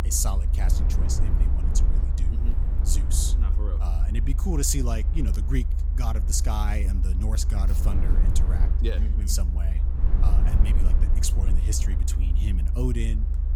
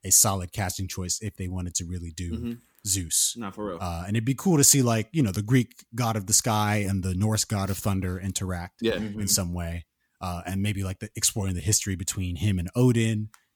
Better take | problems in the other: second | low rumble; loud; throughout; 8 dB below the speech

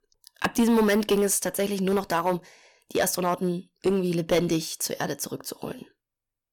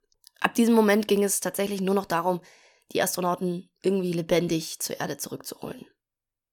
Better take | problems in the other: second | distortion; slight; 4% of the sound clipped

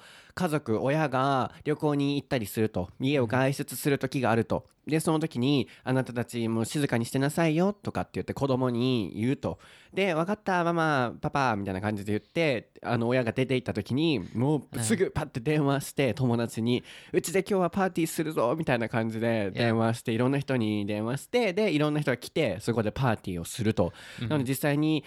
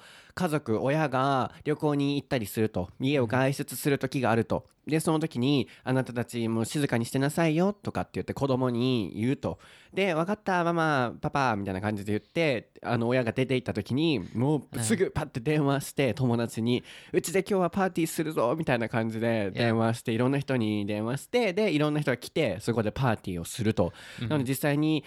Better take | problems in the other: neither | none

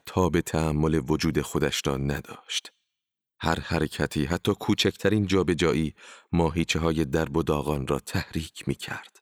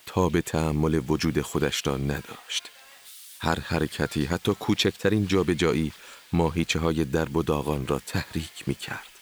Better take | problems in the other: first | hiss; faint; throughout; 20 dB below the speech

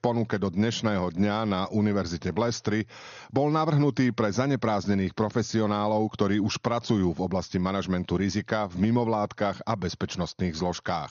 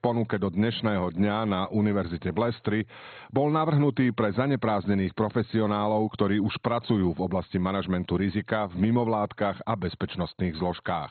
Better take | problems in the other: first | garbled, watery; badly; nothing above 4 kHz; slightly in the first

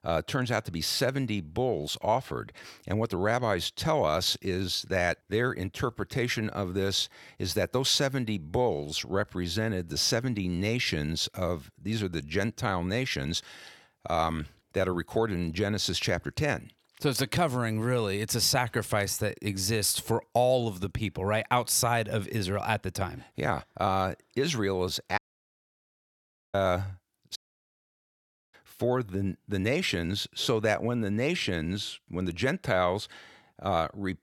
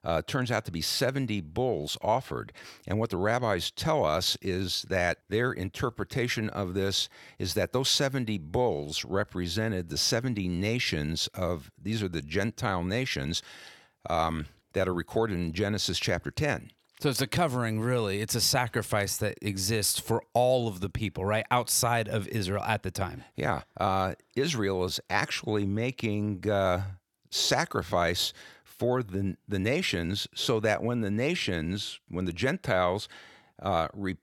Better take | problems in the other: second | audio cutting out; at 25 s for 1.5 s and at 27 s for 1 s

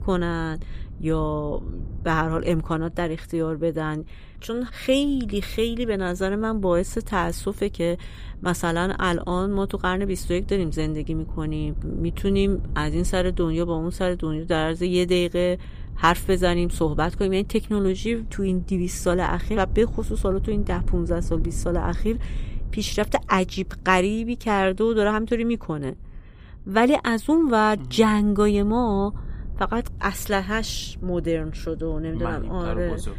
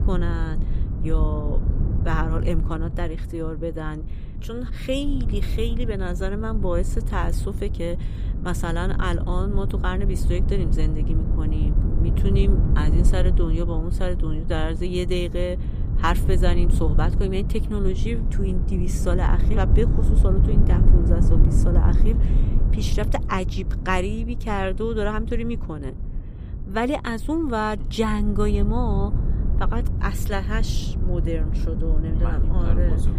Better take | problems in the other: first | low rumble; loud; throughout; 8 dB below the speech; faint in the first

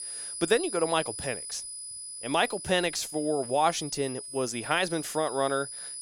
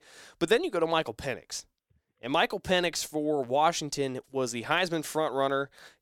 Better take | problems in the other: second | high-pitched whine; loud; throughout; 10 kHz, 8 dB below the speech

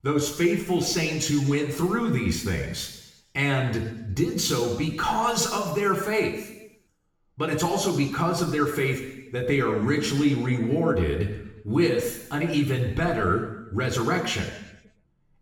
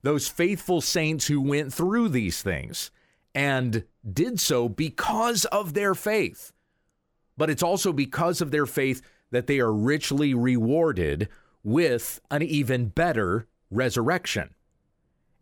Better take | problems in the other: second | room echo; noticeable; dies away in 0.9 s // off-mic speech; far

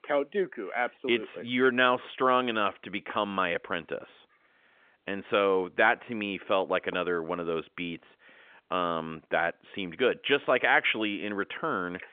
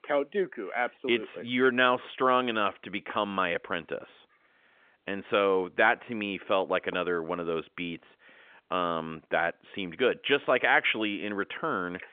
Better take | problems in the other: neither | phone-call audio; nothing above 3.5 kHz; the same in both

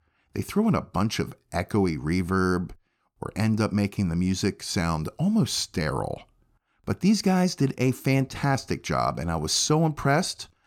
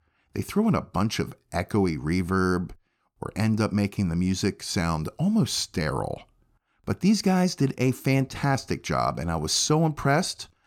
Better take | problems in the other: neither | none

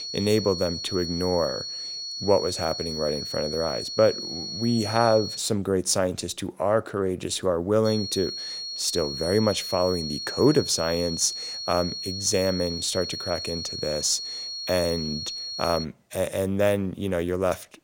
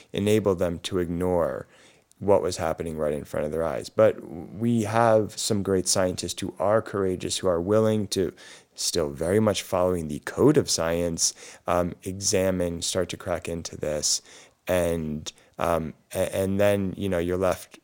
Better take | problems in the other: second | high-pitched whine; loud; until 5.5 s and from 8 to 16 s; 4.5 kHz, 5 dB below the speech

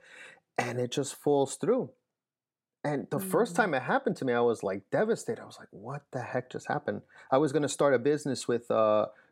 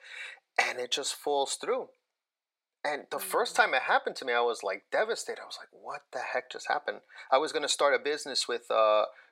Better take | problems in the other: first | thin; very; fading below 750 Hz

